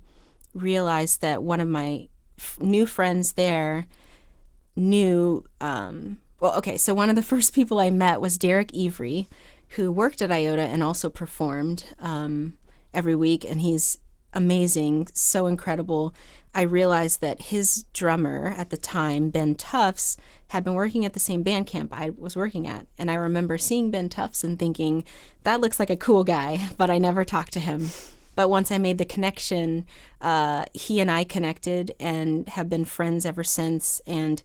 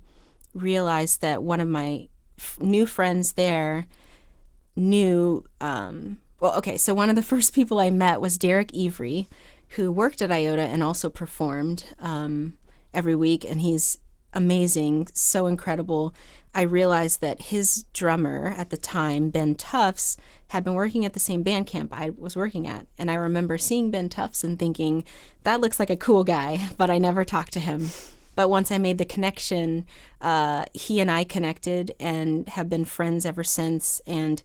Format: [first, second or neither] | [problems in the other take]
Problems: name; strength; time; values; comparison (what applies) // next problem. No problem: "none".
neither | garbled, watery; slightly; the same in both